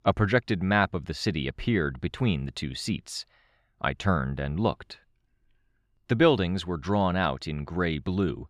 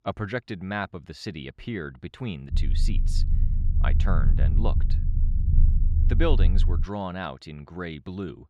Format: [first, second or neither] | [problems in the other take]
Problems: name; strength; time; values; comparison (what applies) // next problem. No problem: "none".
first | low rumble; loud; from 2.5 to 7 s; 9 dB below the speech